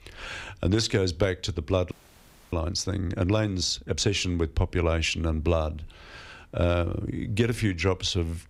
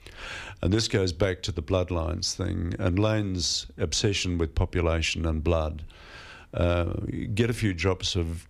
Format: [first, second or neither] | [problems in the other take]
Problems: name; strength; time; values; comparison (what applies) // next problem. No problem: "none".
second | audio freezing; at 2 s for 0.5 s